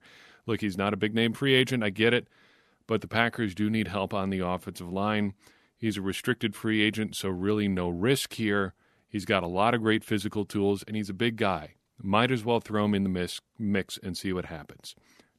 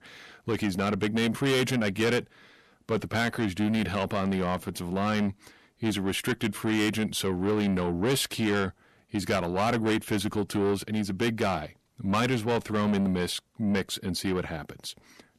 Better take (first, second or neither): first